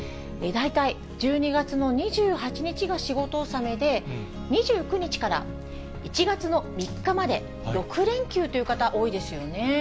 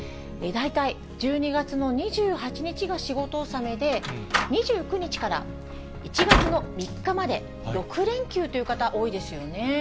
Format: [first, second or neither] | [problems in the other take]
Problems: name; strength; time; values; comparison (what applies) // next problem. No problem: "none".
first | background sound (Slam); 1 dB below the speech